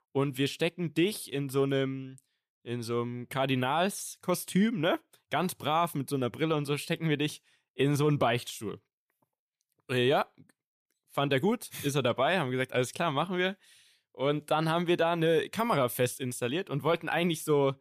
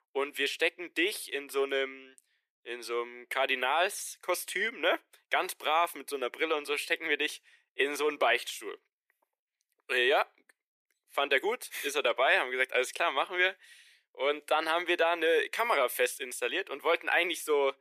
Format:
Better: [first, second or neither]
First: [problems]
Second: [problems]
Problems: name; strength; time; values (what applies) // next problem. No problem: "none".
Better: first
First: none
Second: thin; very; fading below 350 Hz